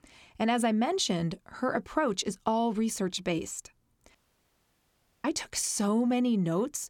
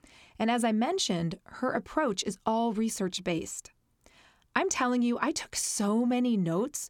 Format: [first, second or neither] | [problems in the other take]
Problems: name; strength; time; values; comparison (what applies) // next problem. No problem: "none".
second | audio cutting out; at 4 s for 1 s